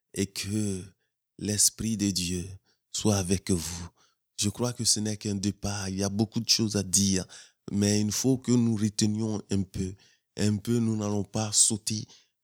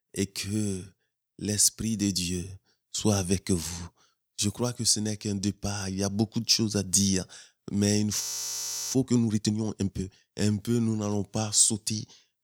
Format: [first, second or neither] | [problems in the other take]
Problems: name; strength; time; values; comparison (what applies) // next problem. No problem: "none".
first | audio freezing; at 8 s for 0.5 s